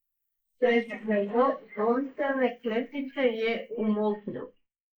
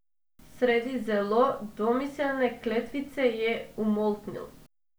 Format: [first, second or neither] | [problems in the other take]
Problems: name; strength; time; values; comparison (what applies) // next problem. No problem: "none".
second | noise reduction (neural mask model Resemble Enhance denoiser)